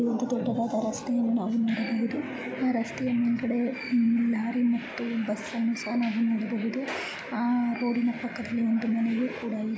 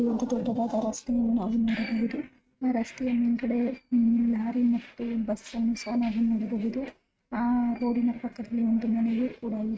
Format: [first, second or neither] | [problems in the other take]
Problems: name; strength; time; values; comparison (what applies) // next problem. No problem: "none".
first | noise reduction (neural mask model RNNoise)